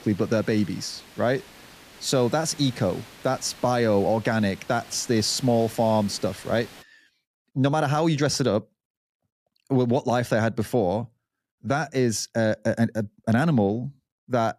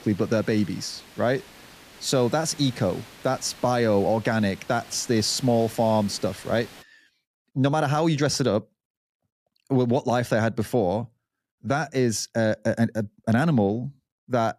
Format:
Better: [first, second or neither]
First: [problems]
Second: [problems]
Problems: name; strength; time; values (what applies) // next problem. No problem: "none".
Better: neither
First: hiss; faint; until 7 s; 20 dB below the speech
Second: hiss; faint; until 7 s; 20 dB below the speech